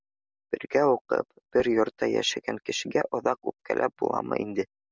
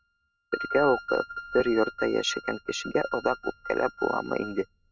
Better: first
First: none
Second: noise reduction (neural mask model RNNoise)

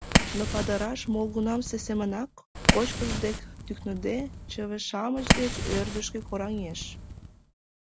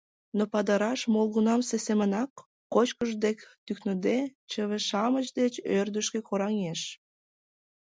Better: second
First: background sound (Fire); 1 dB above the speech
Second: none

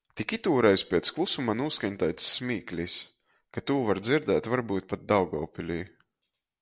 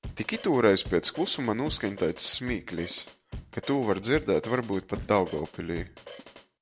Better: first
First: none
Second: background sound (Drum kit); 15 dB below the speech

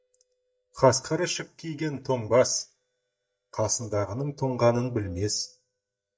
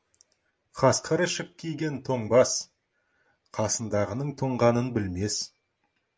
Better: second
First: noise reduction (neural mask model DeepFilterNet 3)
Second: none

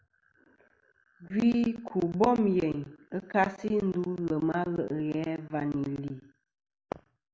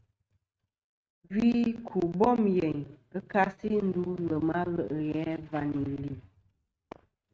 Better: first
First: none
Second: noise reduction (neural mask model RNNoise)

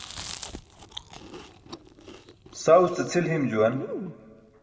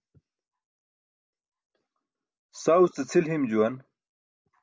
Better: second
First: background sound (Chewing, mastication); 14 dB below the speech // room echo; dies away in 1.6 s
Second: none

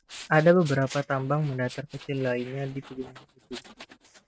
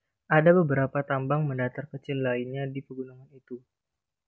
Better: second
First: noise reduction (neural mask model RNNoise)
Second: none

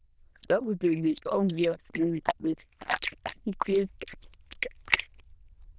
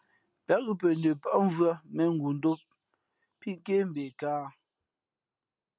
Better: second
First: noise reduction (neural diffusion model UNIVERSE++)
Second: none

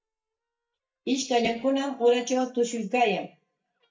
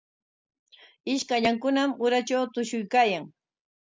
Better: second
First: noise reduction (neural mask model DeepFilterNet 3)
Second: none

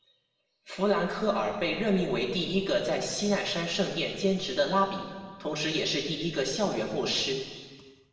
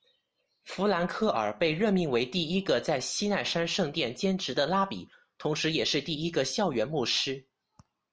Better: second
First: room echo; dies away in 1.5 s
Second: none

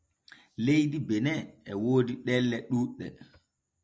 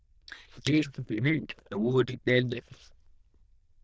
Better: first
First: none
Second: noise reduction (neural diffusion model UNIVERSE++)

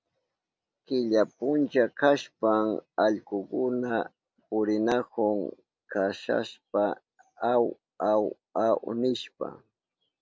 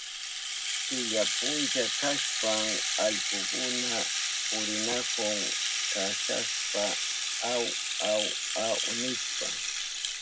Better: first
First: none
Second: background sound (Rattle (instrument)); 5 dB above the speech // room echo; dies away in 0.3 s

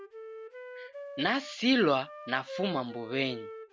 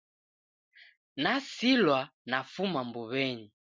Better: second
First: background sound (Wind instrument, woodwind instrument); 12 dB below the speech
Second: none

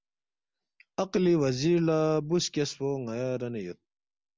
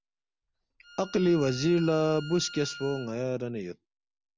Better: first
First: none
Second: background sound (Bowed string instrument); 17 dB below the speech

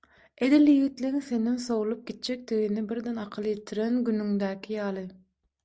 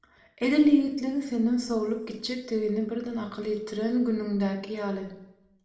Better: first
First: none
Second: room echo; dies away in 0.8 s

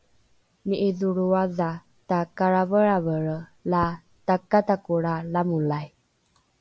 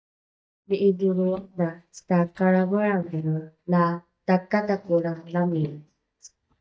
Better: first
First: none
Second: noise reduction (neural mask model DeepFilterNet 3)

